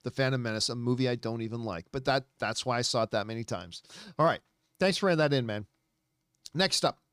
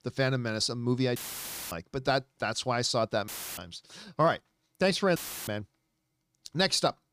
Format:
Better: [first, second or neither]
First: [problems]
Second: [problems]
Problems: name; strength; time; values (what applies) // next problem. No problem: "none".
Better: first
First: none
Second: audio cutting out; filled with static; at 1 s for 0.5 s, at 3.5 s and at 5 s